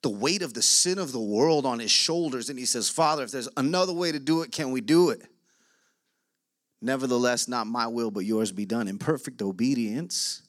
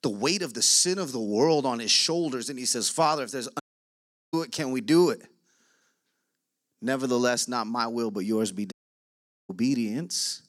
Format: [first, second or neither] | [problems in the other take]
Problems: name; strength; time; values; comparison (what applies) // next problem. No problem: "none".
first | audio cutting out; at 3.5 s for 0.5 s and at 8.5 s for 1 s